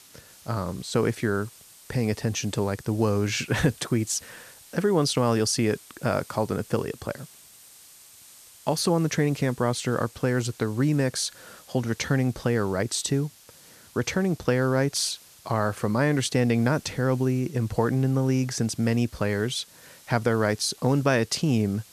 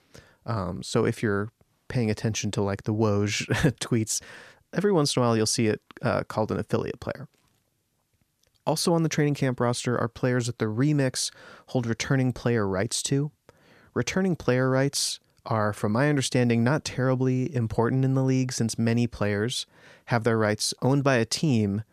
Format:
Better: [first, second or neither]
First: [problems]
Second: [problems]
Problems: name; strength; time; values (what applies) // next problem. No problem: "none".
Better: second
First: hiss; faint; throughout; 25 dB below the speech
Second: none